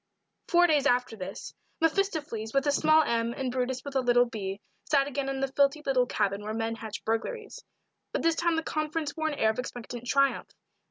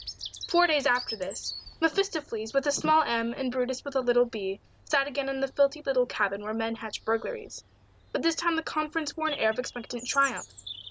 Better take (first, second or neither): first